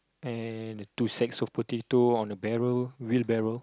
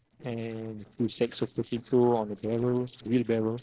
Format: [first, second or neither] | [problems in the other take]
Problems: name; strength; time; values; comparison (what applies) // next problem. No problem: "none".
first | noise reduction (neural separator model SepFormer DNS4)